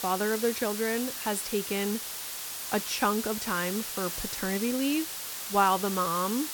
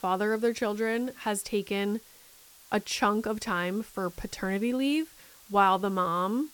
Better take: second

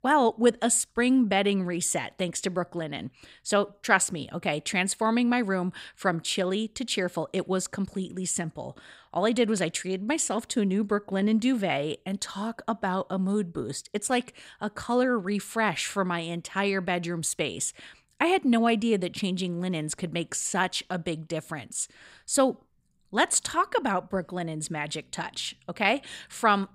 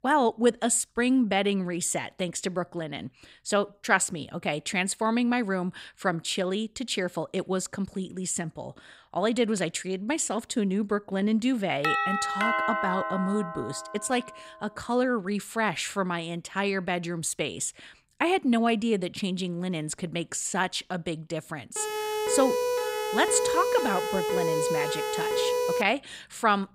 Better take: first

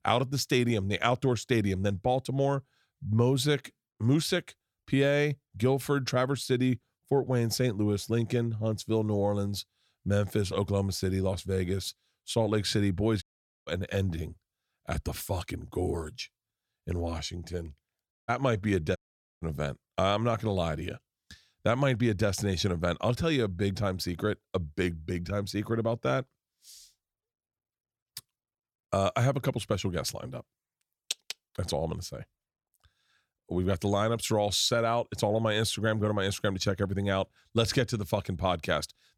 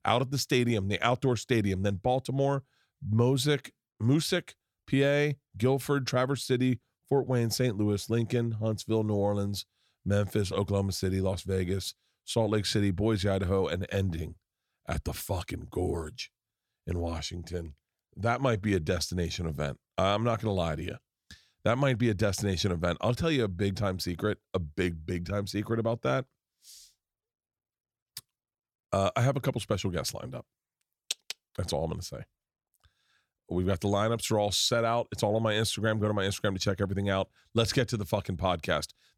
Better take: second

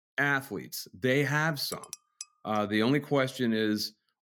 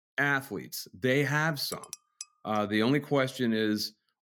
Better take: neither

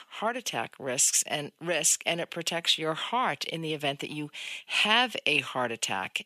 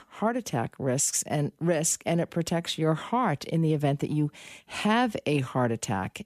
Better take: second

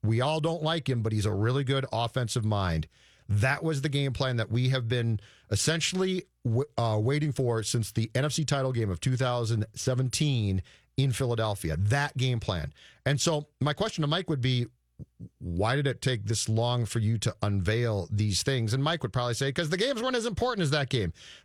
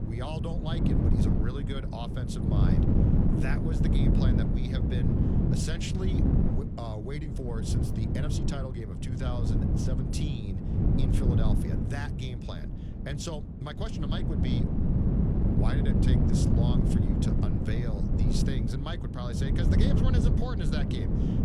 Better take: first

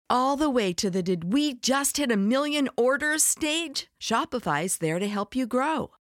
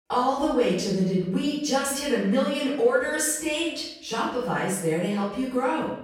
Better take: first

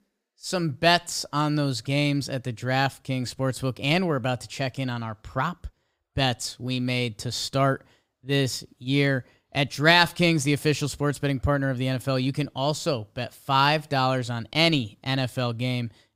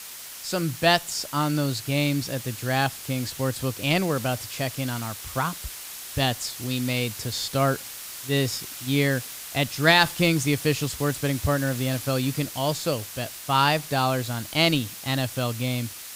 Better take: first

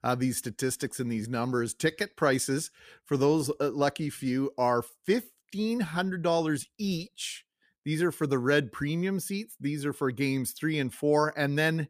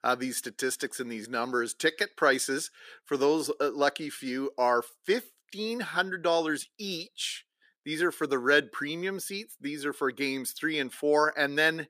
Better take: first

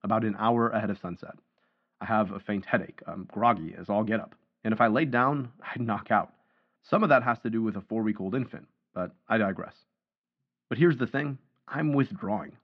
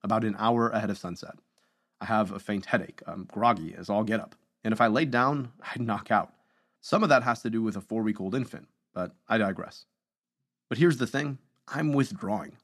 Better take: second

